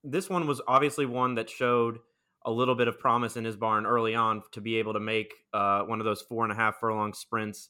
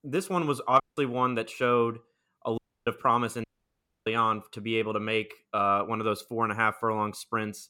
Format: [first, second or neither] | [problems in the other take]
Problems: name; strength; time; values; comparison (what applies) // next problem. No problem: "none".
first | audio cutting out; at 1 s, at 2.5 s and at 3.5 s for 0.5 s